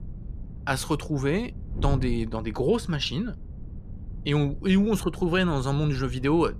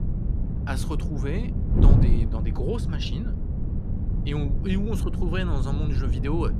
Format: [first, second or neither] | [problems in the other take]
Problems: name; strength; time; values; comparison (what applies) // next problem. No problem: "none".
first | wind noise on the microphone; heavy; 3 dB below the speech; occasional gusts in the first